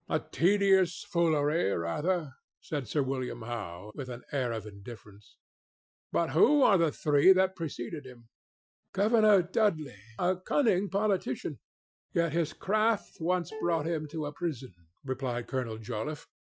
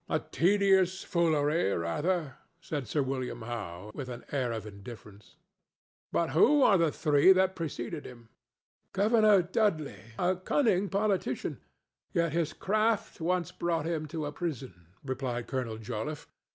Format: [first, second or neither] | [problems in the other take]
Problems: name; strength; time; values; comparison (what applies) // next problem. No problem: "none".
second | noise reduction (classical method Wiener filter)